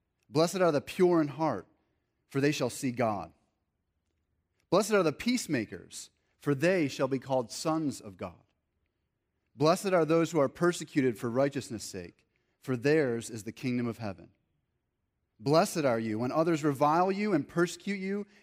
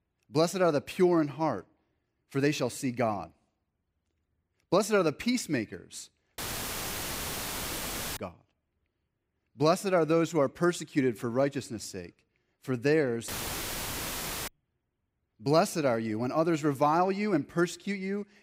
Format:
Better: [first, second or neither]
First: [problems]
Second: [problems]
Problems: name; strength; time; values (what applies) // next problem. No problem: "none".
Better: first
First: none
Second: audio cutting out; filled with static; at 6.5 s for 2 s and at 13 s for 1 s